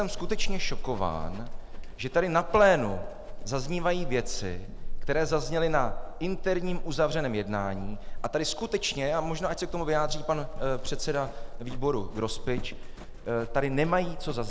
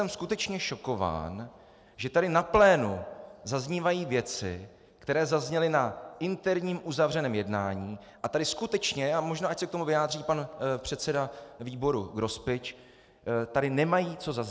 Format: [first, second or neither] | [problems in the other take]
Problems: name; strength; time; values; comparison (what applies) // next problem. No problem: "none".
second | background sound (Livestock, farm animals, working animals); 2 dB below the speech